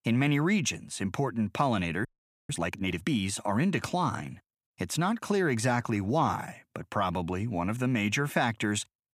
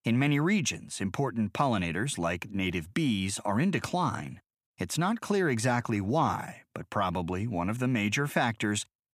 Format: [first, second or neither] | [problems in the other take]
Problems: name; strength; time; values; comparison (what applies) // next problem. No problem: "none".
second | audio freezing; at 2 s